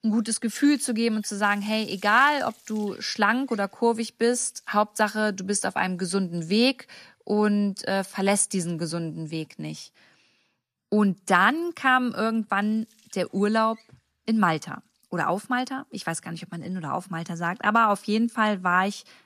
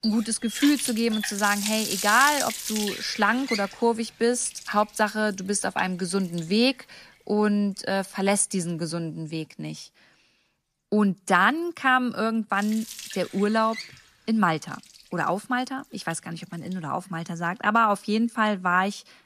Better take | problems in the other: first | household noises; loud; throughout; 7 dB below the speech; faint in the first

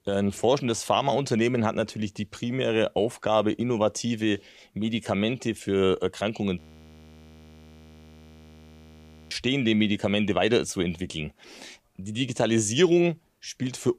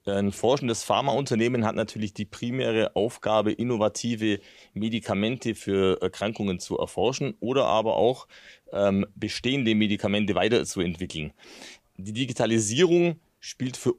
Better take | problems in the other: second | audio freezing; at 6.5 s for 2.5 s

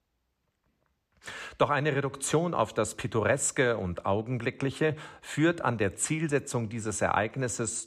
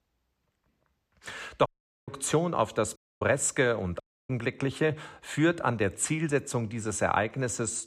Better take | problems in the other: first | audio cutting out; at 1.5 s, at 3 s and at 4 s

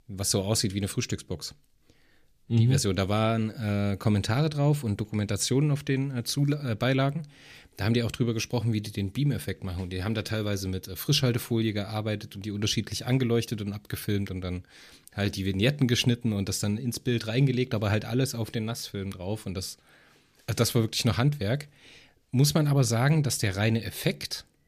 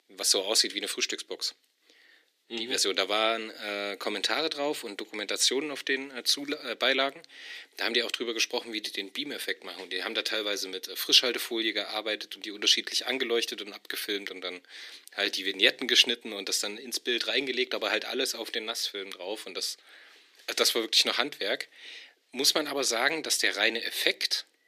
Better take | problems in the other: first | thin; very; fading below 300 Hz

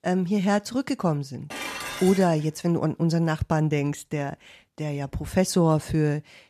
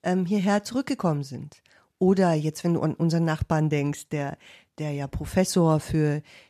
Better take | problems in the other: second | clattering dishes; noticeable; at 1.5 s; peak 6 dB below the speech

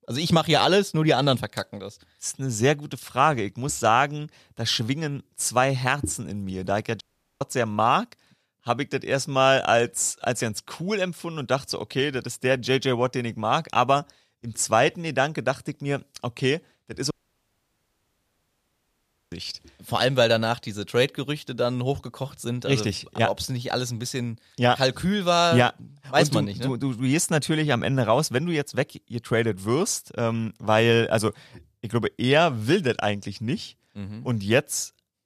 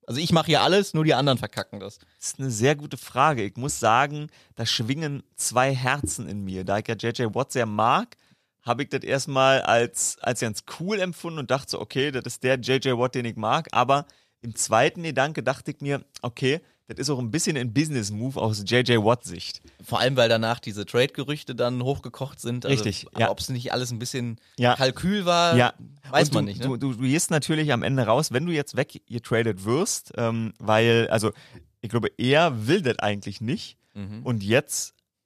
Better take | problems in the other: second | audio cutting out; at 7 s and at 17 s for 2 s

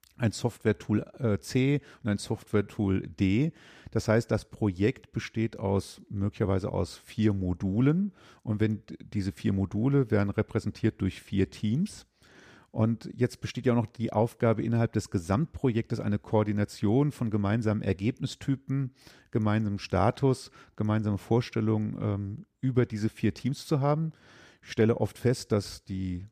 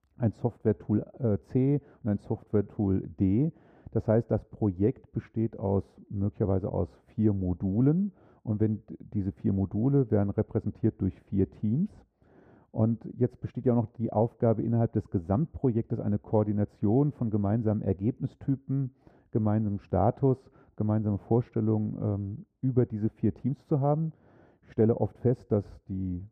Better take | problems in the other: first | muffled; very; fading above 1.5 kHz

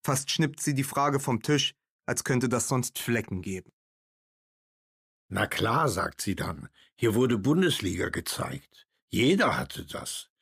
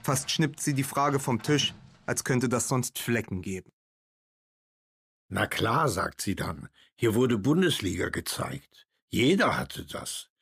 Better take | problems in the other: first | household noises; faint; until 2.5 s; 20 dB below the speech

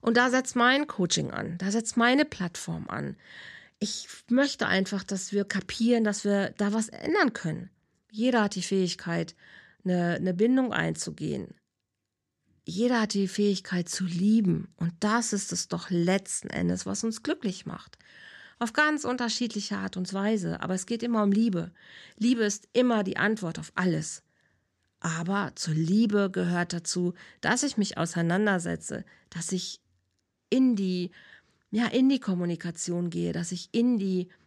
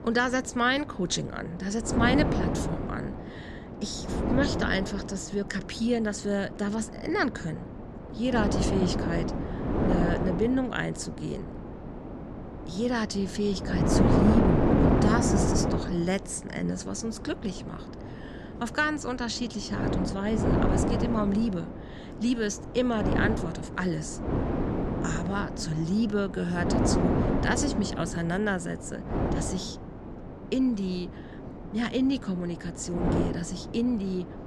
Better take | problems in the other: first | wind noise on the microphone; heavy; 1 dB below the speech

